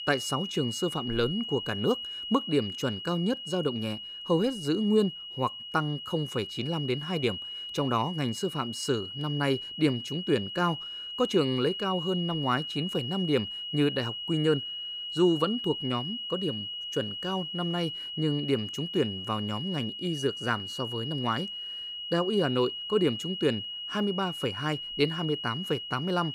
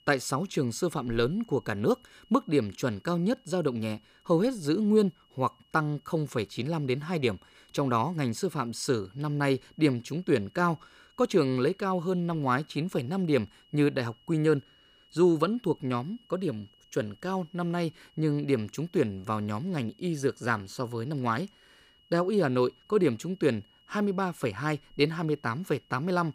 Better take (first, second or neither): second